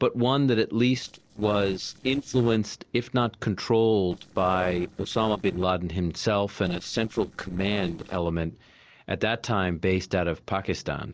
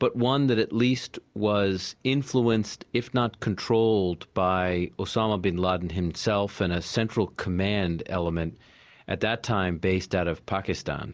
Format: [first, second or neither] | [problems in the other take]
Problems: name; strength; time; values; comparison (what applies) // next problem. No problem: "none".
second | noise reduction (neural separator model SepFormer DNS4)